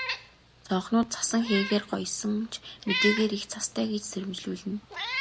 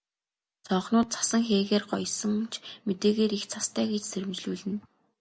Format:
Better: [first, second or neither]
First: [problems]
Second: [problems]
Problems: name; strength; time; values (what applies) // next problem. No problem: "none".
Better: second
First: background sound (Meow); 7 dB below the speech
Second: none